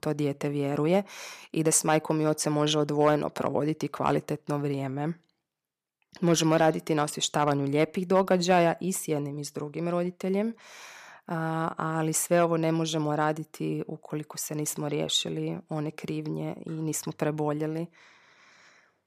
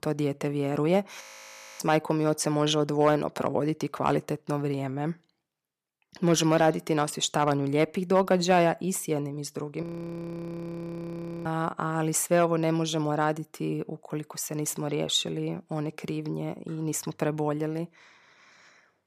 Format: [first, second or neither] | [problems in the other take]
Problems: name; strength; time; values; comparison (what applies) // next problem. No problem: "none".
first | audio freezing; at 1 s for 0.5 s and at 10 s for 1.5 s